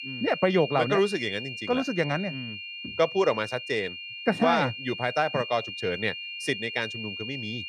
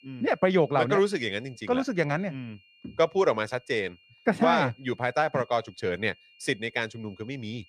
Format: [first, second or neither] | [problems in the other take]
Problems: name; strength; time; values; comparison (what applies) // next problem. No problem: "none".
second | high-pitched whine; loud; throughout; 3 kHz, 8 dB below the speech; faint in the second